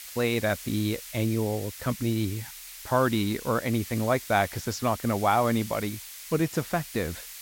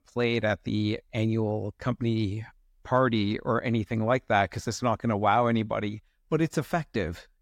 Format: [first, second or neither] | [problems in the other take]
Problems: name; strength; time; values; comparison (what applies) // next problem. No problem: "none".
second | hiss; noticeable; throughout; 10 dB below the speech